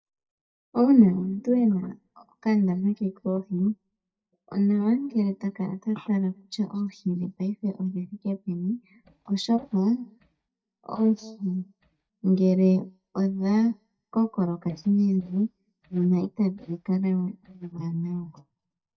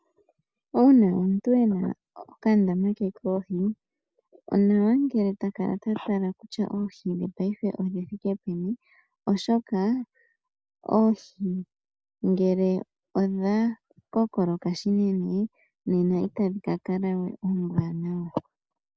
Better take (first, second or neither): second